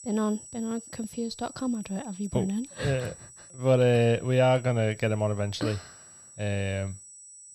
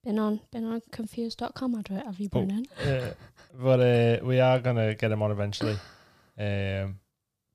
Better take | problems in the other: second | high-pitched whine; noticeable; throughout; 8 kHz, 20 dB below the speech

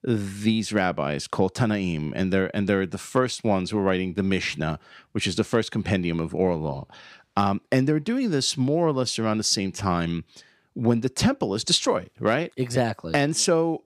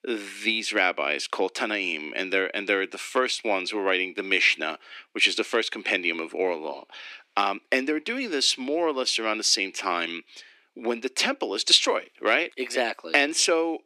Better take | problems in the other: first | thin; somewhat; fading below 300 Hz

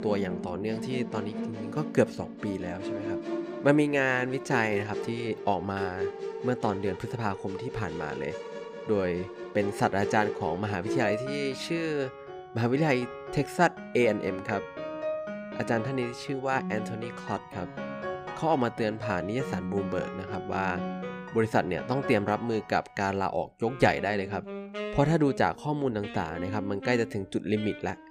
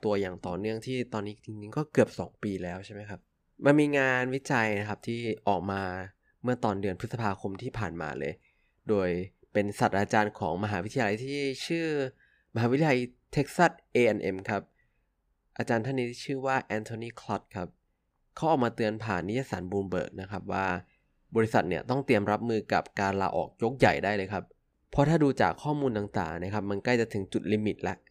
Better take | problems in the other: second | background music; loud; throughout; 8 dB below the speech

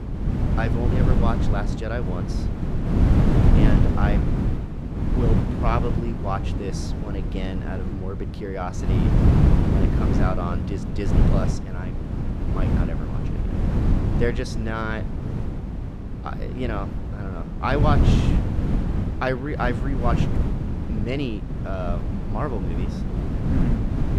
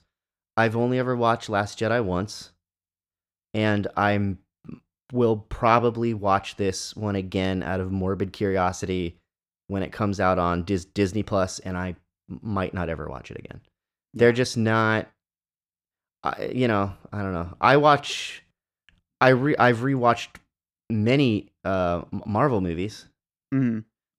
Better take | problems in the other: second | wind noise on the microphone; heavy; 2 dB below the speech

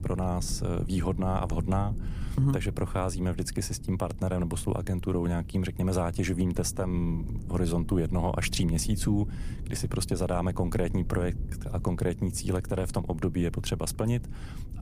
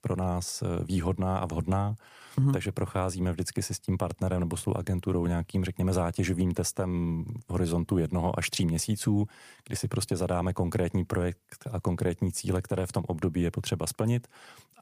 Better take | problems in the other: second | wind noise on the microphone; occasional gusts; 15 dB below the speech

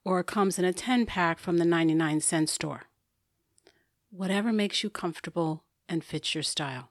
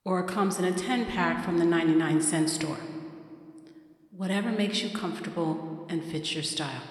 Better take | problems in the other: first | room echo; slight; dies away in 1.6 s

